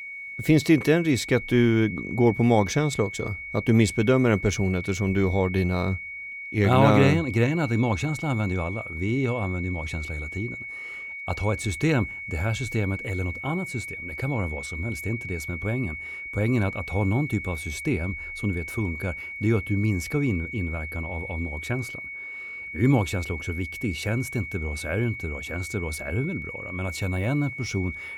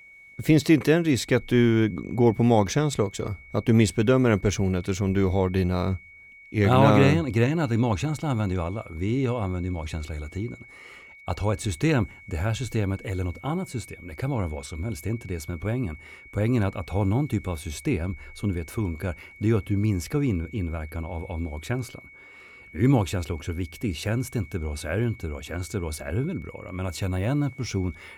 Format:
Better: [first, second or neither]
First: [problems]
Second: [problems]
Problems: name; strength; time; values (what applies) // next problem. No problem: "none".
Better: second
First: high-pitched whine; loud; throughout; 2 kHz, 8 dB below the speech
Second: high-pitched whine; faint; throughout; 2 kHz, 20 dB below the speech